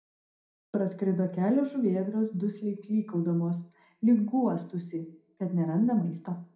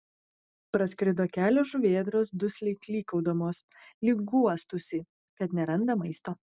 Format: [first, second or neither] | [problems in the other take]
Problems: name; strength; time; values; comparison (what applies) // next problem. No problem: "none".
second | room echo; dies away in 0.4 s